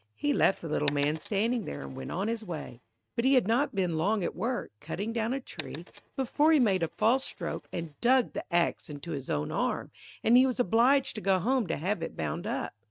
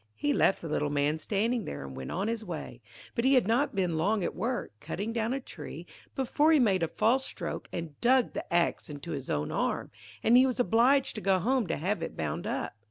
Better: second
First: noise reduction (neural mask model RNNoise)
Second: none

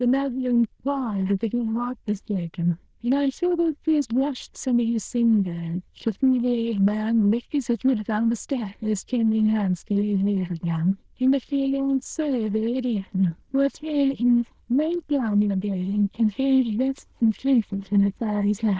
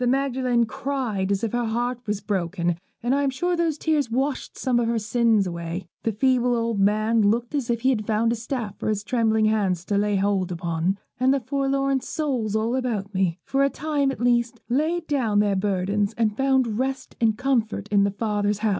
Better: second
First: noise reduction (neural diffusion model UNIVERSE++)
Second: none

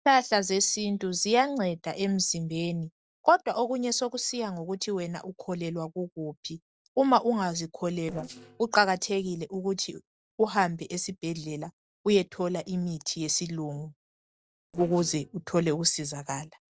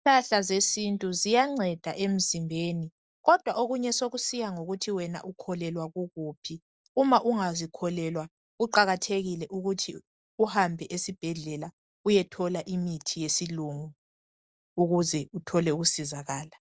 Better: second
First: noise reduction (neural separator model SepFormer DNS4)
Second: none

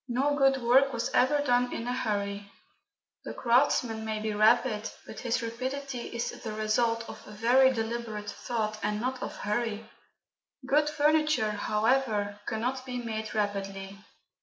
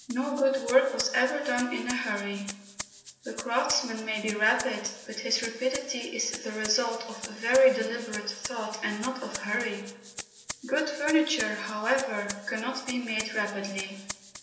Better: first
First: none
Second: background sound (Rattle (instrument)); 13 dB below the speech // room echo; dies away in 0.8 s

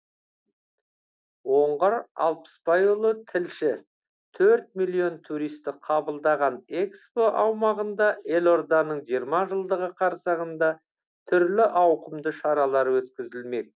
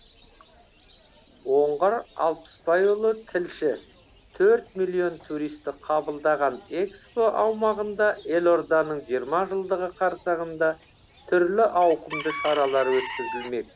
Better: first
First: none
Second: background sound (Bird / Chicken, rooster); 18 dB below the speech

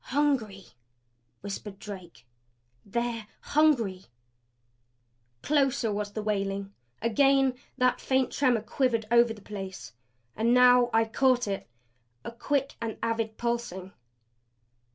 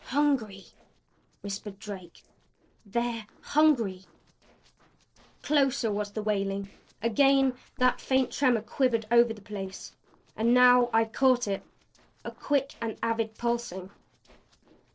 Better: first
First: none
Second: noise reduction (neural separator model SepFormer DNS4)

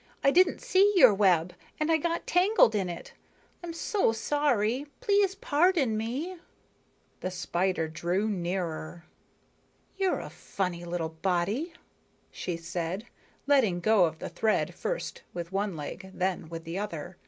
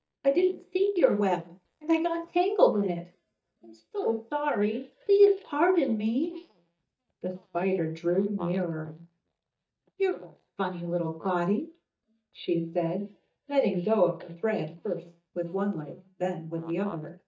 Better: first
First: none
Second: noise reduction (neural mask model DeepFilterNet 3)

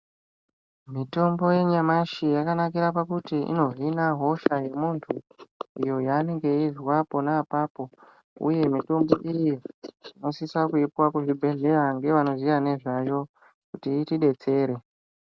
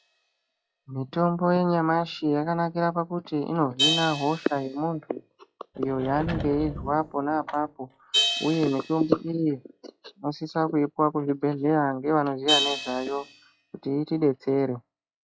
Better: first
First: none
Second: noise reduction (classical method log-MMSE)

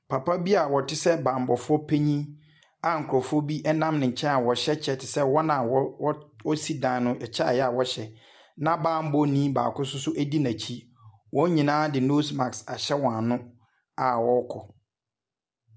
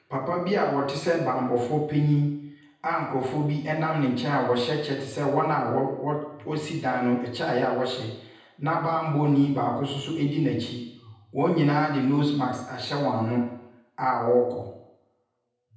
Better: first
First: none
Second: room echo; dies away in 0.9 s

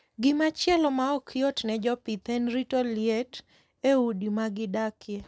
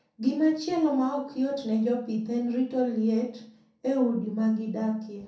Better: first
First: none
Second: room echo; dies away in 0.5 s

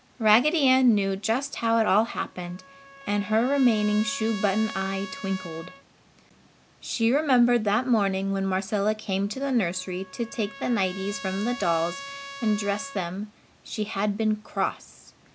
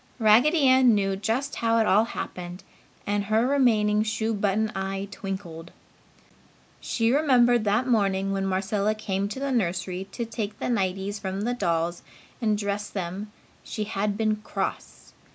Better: second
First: background sound (Trumpet); 17 dB below the speech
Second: none

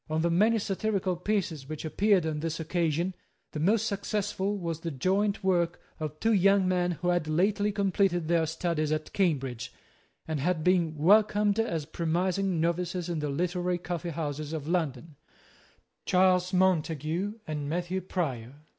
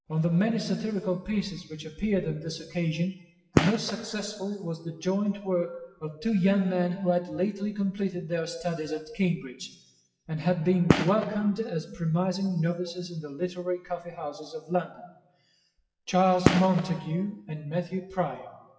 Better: first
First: none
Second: noise reduction (classical method WPE with log-MMSE)

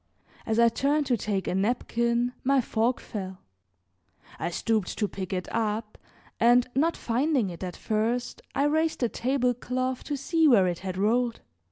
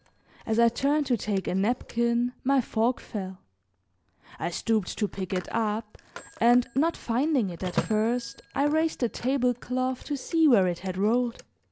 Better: first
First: none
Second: background sound (Telephone); 17 dB below the speech

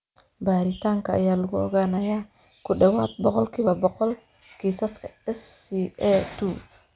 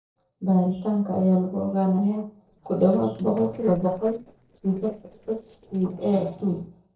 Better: first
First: none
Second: noise reduction (neural separator model SepFormer DNS4)

